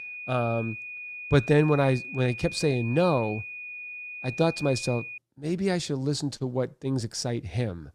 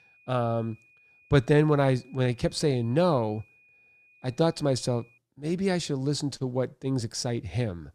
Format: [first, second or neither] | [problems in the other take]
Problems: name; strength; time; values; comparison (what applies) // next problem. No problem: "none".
second | high-pitched whine; loud; until 5 s; 2.5 kHz, 9 dB below the speech; faint in the second